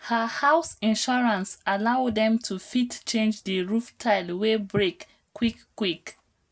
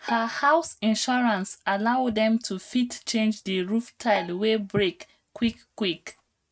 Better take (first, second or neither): first